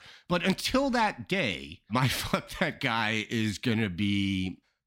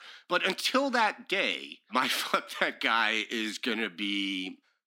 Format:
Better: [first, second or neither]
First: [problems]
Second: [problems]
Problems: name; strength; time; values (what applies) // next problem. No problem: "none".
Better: first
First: none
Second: thin; somewhat; fading below 250 Hz